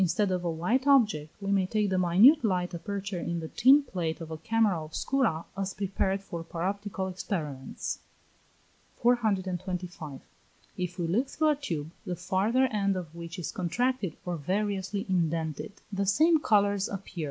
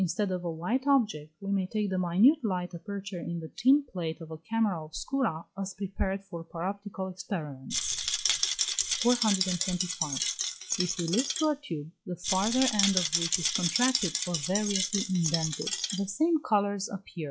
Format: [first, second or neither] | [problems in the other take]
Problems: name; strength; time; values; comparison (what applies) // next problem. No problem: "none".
first | noise reduction (classical method log-MMSE)